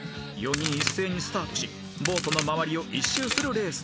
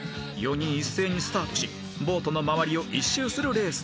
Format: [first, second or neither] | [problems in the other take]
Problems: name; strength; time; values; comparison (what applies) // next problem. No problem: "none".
second | background sound (Crack); 1 dB below the speech